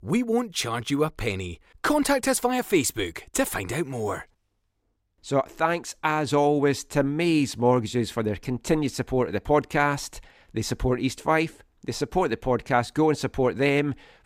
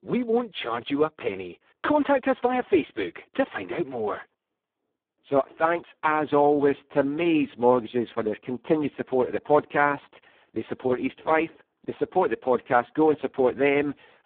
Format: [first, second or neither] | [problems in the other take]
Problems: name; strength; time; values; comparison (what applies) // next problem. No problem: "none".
first | phone-call audio; poor line